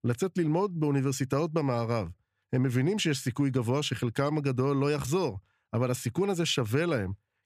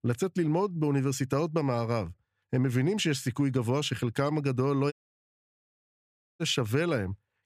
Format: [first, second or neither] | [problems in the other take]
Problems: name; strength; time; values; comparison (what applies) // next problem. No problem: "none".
first | audio cutting out; at 5 s for 1.5 s